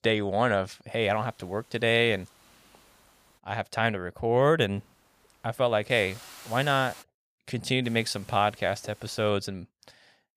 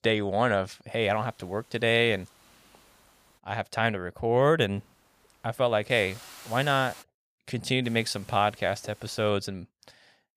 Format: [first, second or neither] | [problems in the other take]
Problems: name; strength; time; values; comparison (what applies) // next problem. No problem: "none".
neither | hiss; faint; from 1 to 3.5 s, from 5 to 7 s and from 8 to 9.5 s; 25 dB below the speech; the same in both